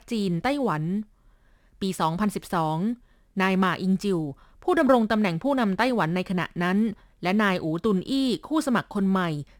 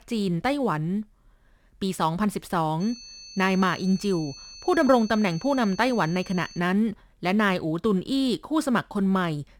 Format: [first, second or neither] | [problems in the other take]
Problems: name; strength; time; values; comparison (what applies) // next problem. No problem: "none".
first | high-pitched whine; noticeable; from 3 to 6.5 s; 4.5 kHz, 15 dB below the speech